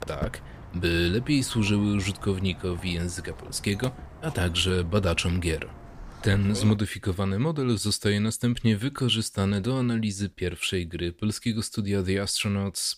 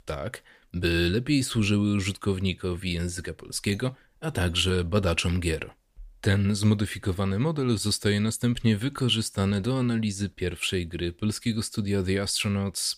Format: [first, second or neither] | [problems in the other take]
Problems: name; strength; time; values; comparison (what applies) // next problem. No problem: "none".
second | footsteps; noticeable; until 7 s; peak 8 dB below the speech